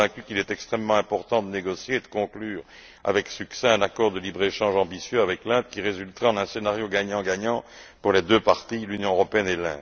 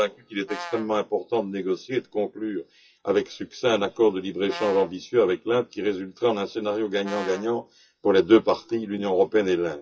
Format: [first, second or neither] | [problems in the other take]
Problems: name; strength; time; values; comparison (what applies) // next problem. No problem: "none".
first | noise reduction (classical method WPE with log-MMSE)